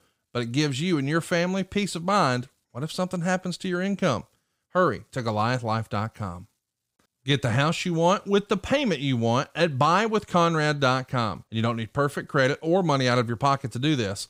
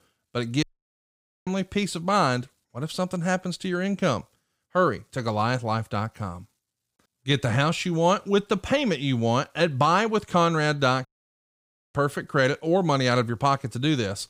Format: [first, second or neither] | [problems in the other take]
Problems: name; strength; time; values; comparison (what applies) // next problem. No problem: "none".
first | audio cutting out; at 0.5 s for 1 s and at 11 s for 1 s